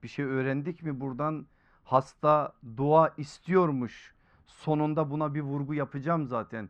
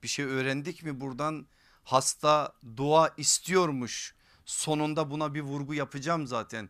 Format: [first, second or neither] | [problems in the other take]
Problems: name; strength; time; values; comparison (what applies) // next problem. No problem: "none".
second | muffled; very; fading above 1.5 kHz